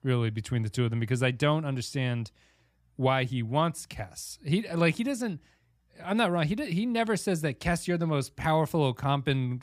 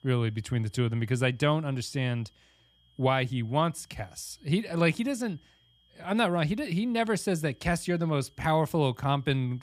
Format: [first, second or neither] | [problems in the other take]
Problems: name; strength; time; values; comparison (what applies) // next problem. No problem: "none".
first | high-pitched whine; faint; throughout; 3 kHz, 35 dB below the speech